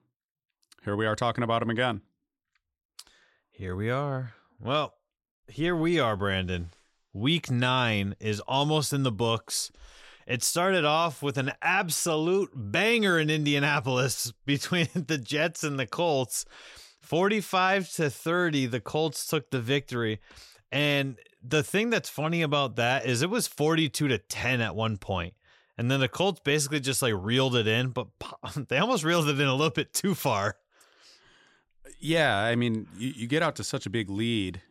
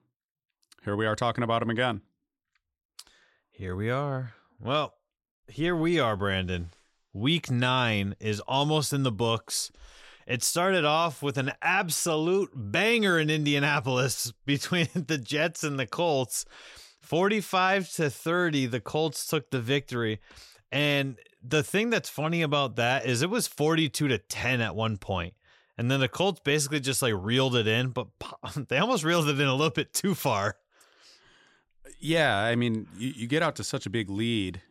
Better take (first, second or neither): neither